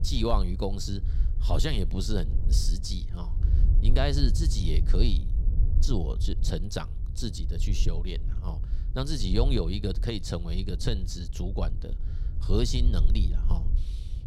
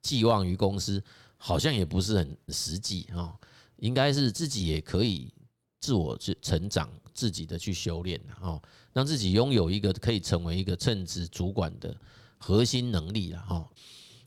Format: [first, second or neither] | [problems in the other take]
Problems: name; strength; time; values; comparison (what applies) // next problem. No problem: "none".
second | wind noise on the microphone; occasional gusts; 15 dB below the speech